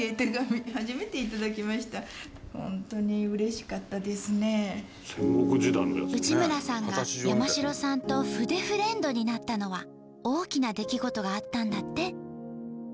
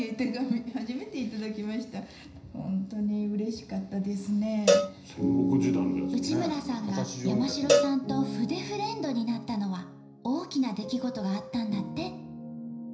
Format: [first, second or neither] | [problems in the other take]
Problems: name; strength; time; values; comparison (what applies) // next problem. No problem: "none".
first | background sound (Cowbell); as loud as the speech // room echo; dies away in 0.5 s